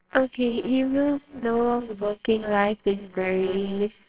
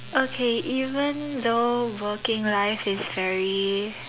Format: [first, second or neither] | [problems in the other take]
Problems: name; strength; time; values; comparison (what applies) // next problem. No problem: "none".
second | noise reduction (neural separator model SepFormer WHAMR!)